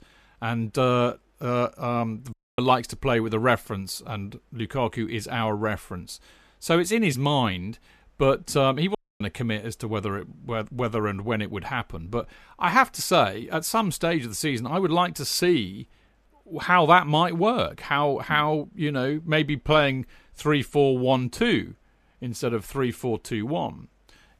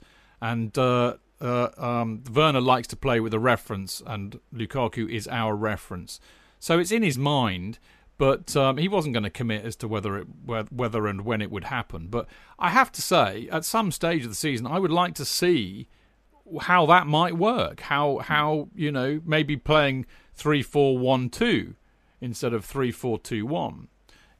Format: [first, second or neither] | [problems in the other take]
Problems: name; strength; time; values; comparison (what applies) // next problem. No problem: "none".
second | audio cutting out; at 2.5 s and at 9 s